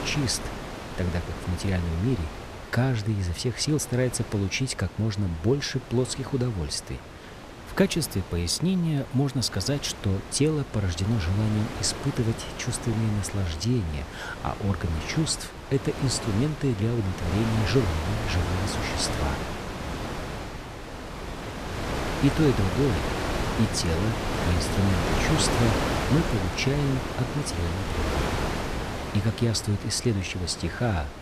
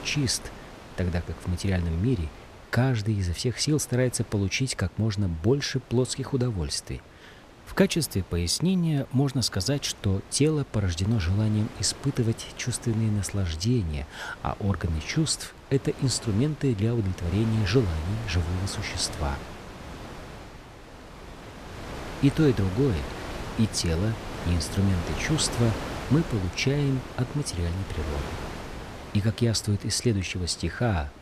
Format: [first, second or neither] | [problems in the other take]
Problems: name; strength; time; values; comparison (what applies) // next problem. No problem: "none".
second | wind noise on the microphone; heavy; 2 dB below the speech; occasional gusts in the second